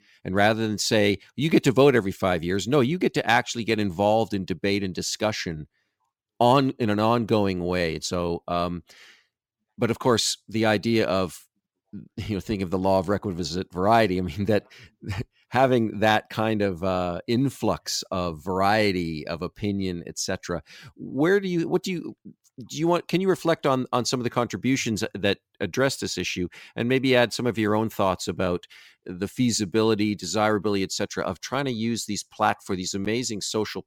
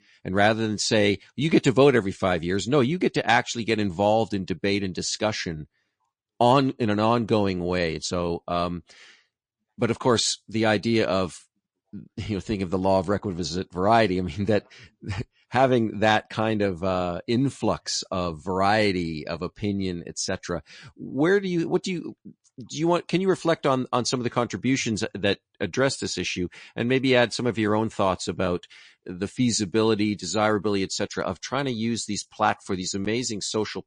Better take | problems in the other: first | garbled, watery; slightly; nothing above 9 kHz

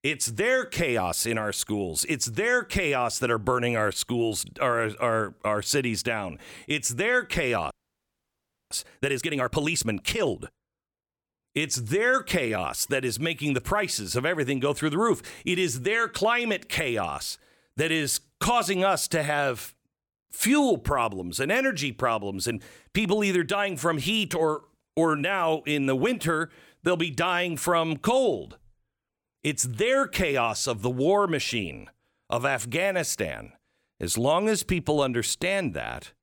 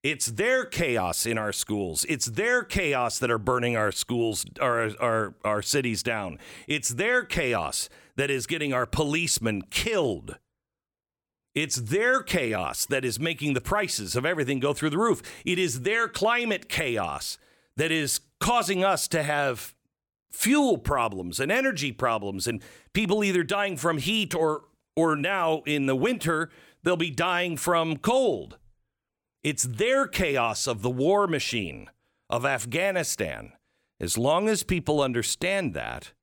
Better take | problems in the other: second | audio freezing; at 7.5 s for 1 s

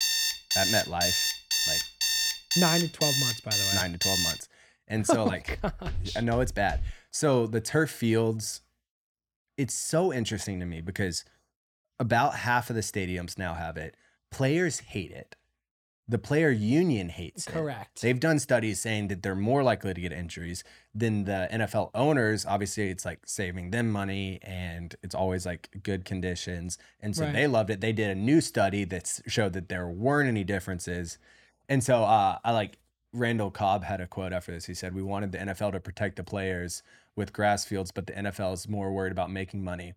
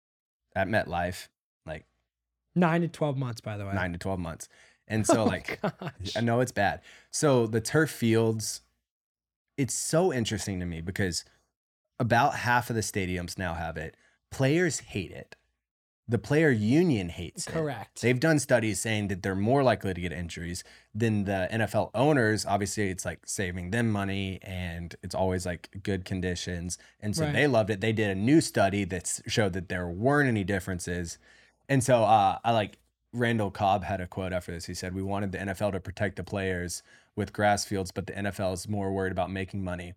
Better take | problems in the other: second | alarm; loud; until 4.5 s; peak 5 dB above the speech // footsteps; noticeable; from 5.5 to 7 s; peak 8 dB below the speech

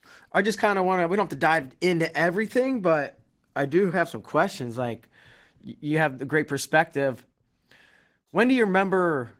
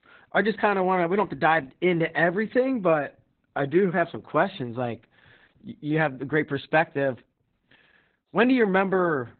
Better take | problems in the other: first | garbled, watery; badly; nothing above 4 kHz; slightly in the first

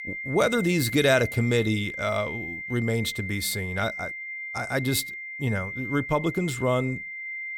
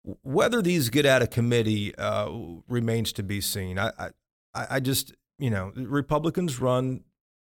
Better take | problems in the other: second | high-pitched whine; loud; throughout; 2 kHz, 7 dB below the speech

